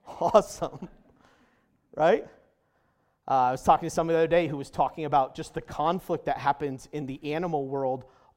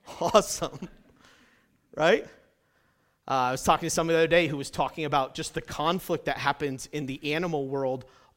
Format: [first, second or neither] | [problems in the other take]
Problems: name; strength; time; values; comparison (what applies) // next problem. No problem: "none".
second | muffled; slightly; fading above 1.5 kHz